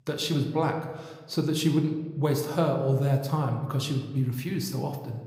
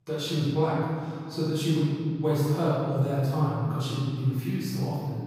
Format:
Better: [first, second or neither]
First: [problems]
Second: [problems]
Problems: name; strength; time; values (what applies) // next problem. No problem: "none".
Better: first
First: room echo; slight; dies away in 1 s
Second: room echo; strong; dies away in 2.1 s // off-mic speech; far